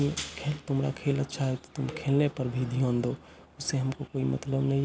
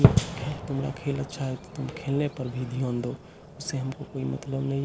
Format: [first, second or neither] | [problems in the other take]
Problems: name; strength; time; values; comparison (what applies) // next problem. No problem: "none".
first | background sound (Fireworks); as loud as the speech